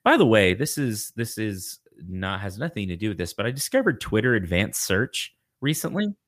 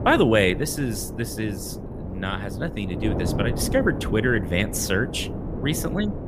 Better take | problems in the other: first | wind noise on the microphone; occasional gusts; 10 dB below the speech

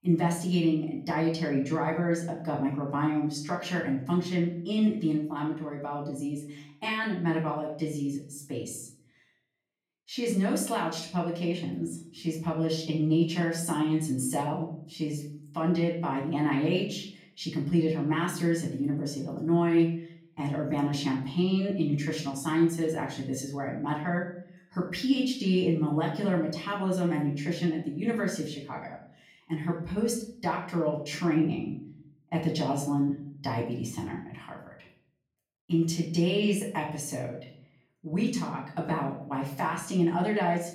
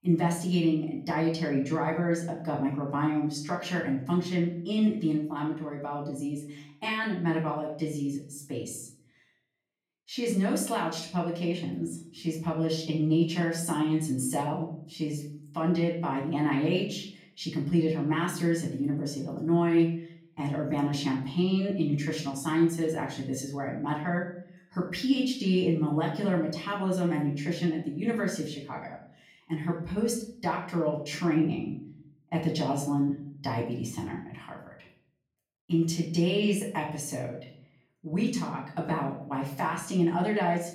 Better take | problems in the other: neither | room echo; slight; dies away in 0.5 s; the same in both // off-mic speech; far; the same in both

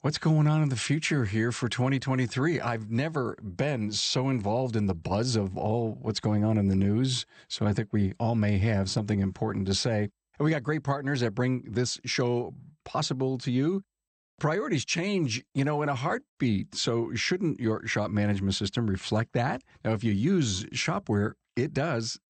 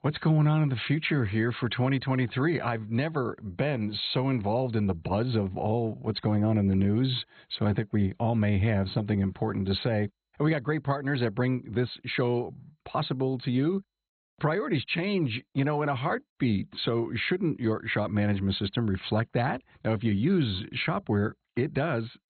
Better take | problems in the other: first | garbled, watery; badly; nothing above 4 kHz; slightly in the first

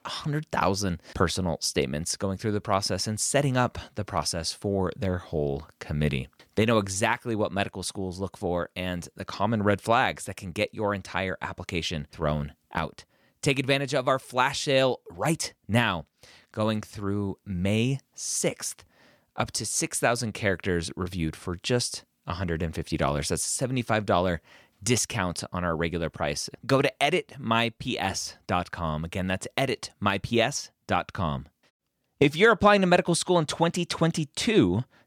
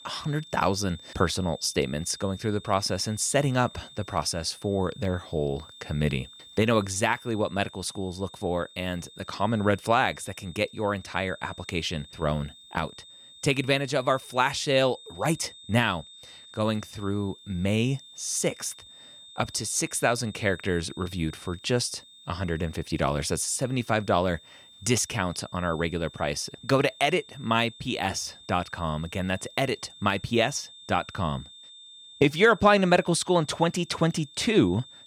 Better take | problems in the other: first | high-pitched whine; noticeable; throughout; 3.5 kHz, 20 dB below the speech

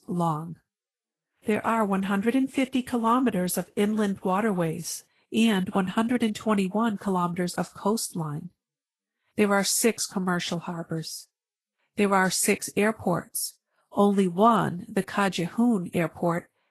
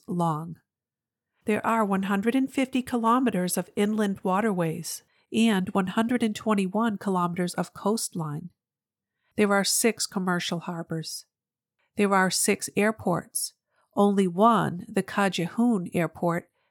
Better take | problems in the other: second | garbled, watery; slightly; nothing above 12 kHz

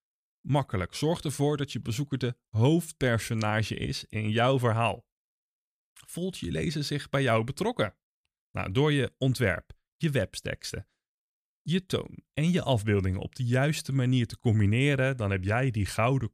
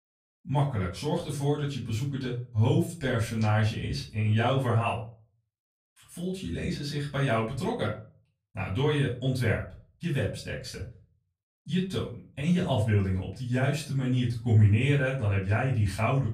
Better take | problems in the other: first | room echo; slight; dies away in 0.3 s // off-mic speech; far

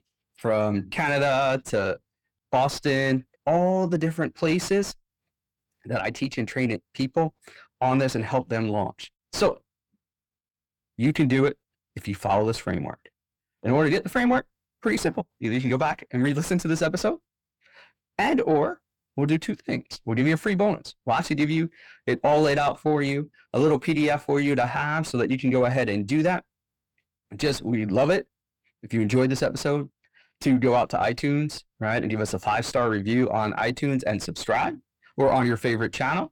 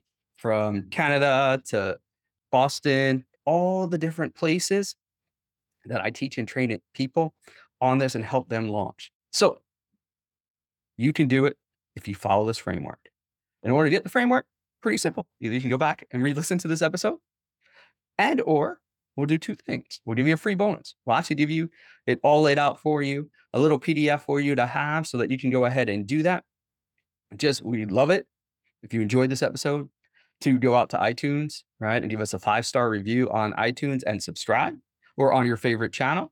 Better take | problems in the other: second | distortion; slight; 10 dB below the speech

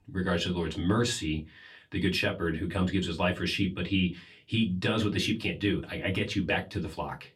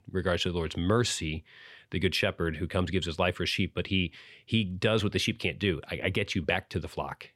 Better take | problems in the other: second | off-mic speech; far // room echo; very slight; dies away in 0.2 s

